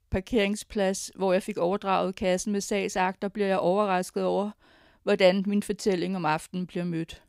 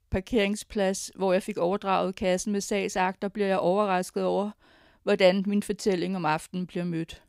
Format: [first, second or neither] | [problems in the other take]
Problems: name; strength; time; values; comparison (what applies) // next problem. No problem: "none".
neither | none